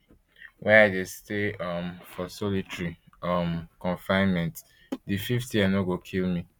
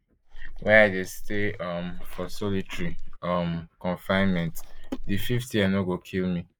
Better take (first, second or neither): first